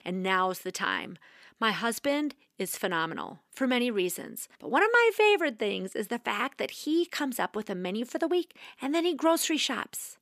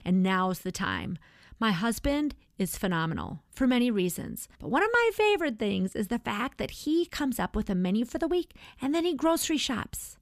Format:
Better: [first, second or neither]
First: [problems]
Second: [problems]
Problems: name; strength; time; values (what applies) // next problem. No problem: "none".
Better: second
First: thin; very slightly; fading below 400 Hz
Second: none